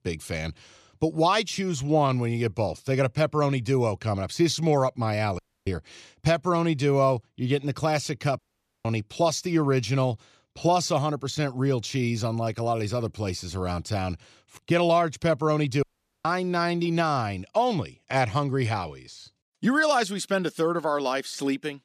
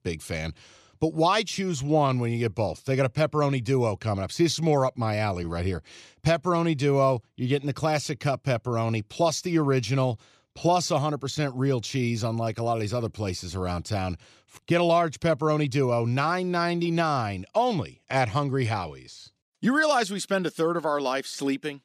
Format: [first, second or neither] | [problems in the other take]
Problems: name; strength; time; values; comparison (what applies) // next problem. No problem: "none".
second | audio cutting out; at 5.5 s, at 8.5 s and at 16 s